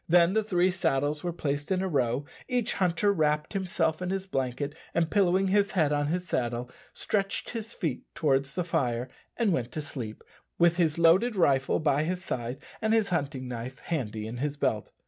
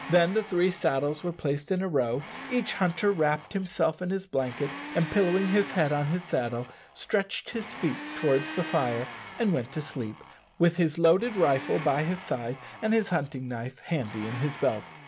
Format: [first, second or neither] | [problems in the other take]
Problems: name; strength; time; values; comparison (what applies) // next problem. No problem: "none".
first | background sound (Domestic sounds, home sounds); 14 dB below the speech